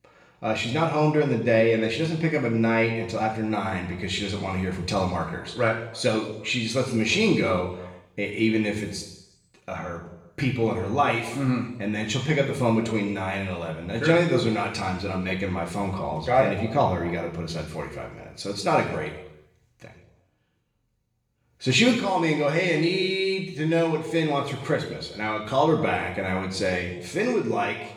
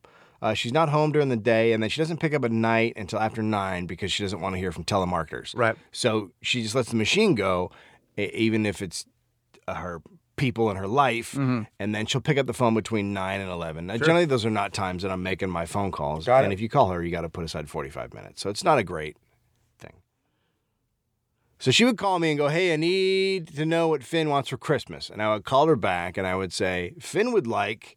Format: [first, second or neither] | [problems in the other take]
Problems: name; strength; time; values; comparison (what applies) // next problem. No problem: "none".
second | room echo; noticeable; dies away in 0.8 s // off-mic speech; somewhat distant